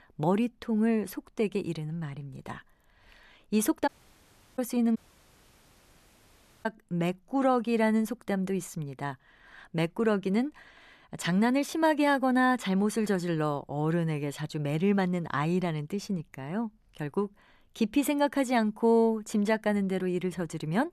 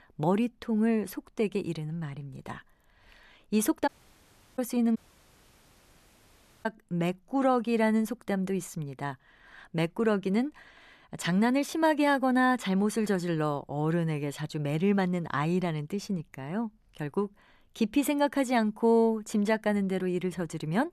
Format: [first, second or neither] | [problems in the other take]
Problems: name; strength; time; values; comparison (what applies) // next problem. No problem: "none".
neither | audio cutting out; at 4 s for 0.5 s and at 5 s for 1.5 s; the same in both